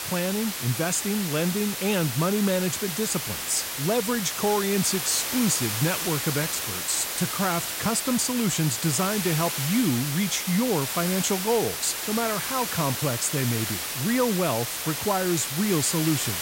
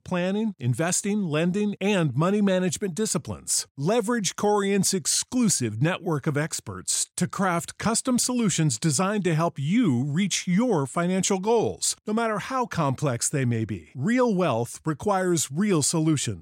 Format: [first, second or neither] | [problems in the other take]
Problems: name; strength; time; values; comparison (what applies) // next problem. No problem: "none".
second | hiss; loud; throughout; 2 dB below the speech